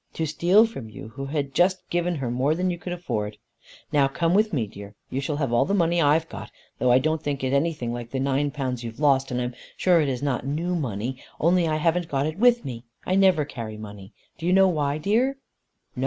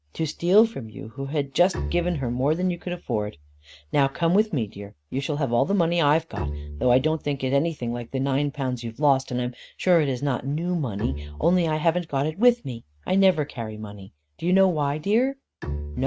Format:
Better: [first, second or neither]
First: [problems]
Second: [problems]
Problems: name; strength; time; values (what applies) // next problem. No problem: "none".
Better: first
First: none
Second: noise reduction (neural mask model RNNoise)